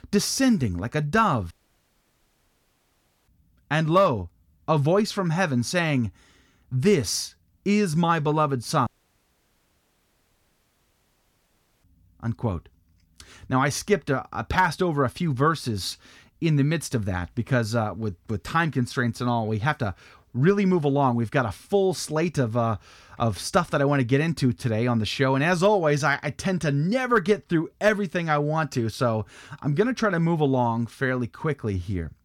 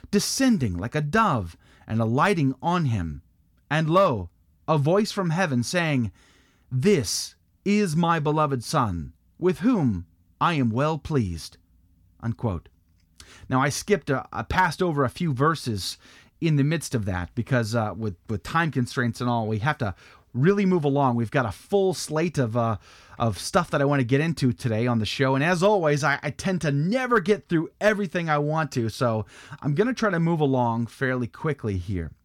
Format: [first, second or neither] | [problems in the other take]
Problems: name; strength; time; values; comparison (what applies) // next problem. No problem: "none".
second | audio cutting out; at 1.5 s for 2 s and at 9 s for 3 s